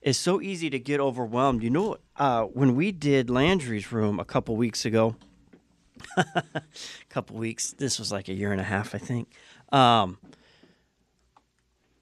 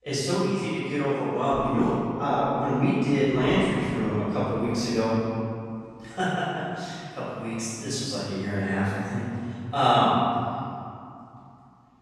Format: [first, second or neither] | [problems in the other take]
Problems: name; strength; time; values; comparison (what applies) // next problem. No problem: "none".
first | off-mic speech; far // room echo; strong; dies away in 2.2 s